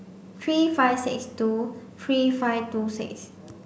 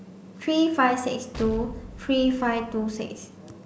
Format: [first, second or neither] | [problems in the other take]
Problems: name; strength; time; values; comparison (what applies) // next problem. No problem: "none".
first | background sound (Explosion); 14 dB below the speech